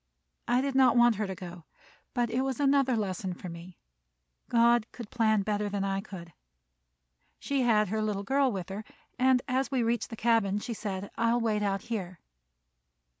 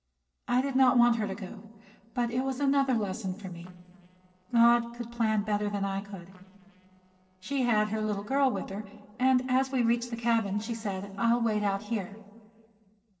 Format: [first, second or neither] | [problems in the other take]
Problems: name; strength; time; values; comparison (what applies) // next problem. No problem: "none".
first | noise reduction (neural separator model SepFormer DNS4)